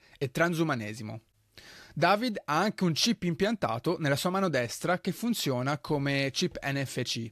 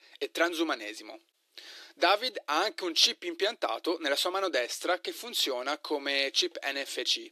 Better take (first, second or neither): first